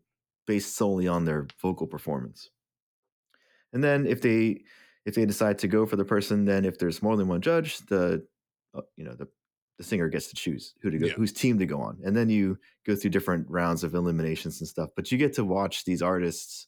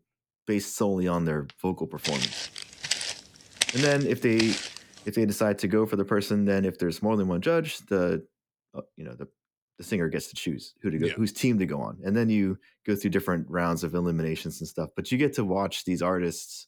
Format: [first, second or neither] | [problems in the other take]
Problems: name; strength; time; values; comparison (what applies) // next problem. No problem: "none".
first | footsteps; loud; from 2 to 5 s; peak 2 dB above the speech